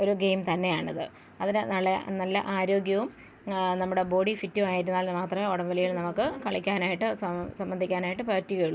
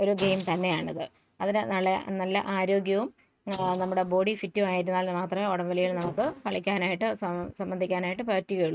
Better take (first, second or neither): first